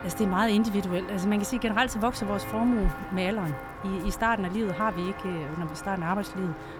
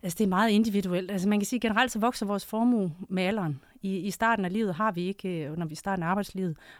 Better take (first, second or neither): second